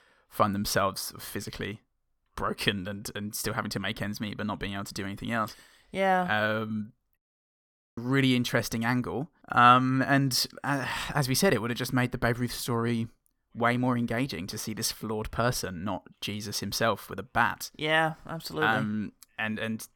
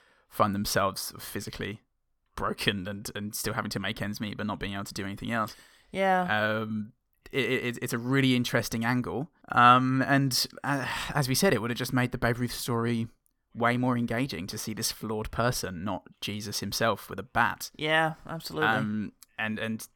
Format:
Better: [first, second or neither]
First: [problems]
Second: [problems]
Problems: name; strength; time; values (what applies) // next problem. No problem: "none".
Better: second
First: audio cutting out; at 7 s for 1 s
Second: none